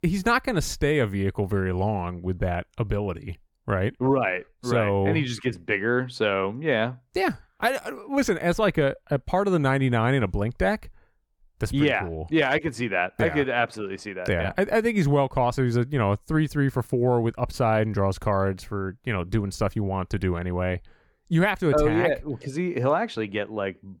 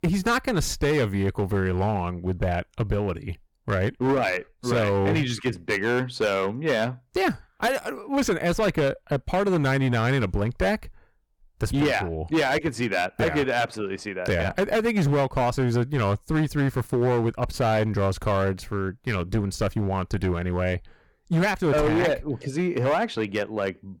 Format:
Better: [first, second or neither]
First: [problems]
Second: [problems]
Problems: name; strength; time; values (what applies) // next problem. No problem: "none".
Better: first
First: none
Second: distortion; slight; 10% of the sound clipped